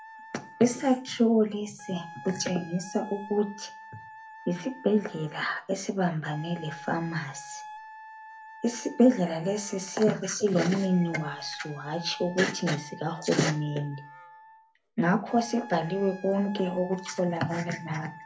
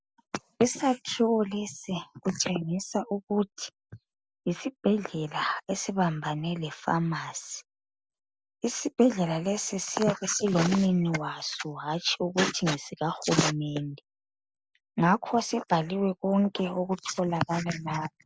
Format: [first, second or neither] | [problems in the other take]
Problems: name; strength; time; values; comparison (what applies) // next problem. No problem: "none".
second | background sound (Wind instrument, woodwind instrument); 17 dB below the speech // room echo; dies away in 0.3 s